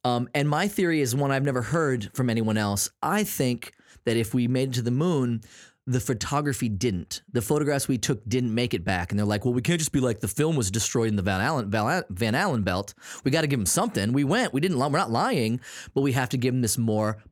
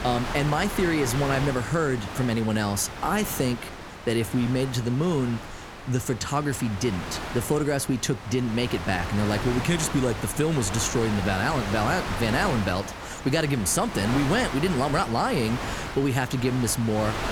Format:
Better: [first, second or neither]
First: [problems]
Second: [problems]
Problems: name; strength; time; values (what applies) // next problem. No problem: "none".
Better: first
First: none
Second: wind noise on the microphone; heavy; 6 dB below the speech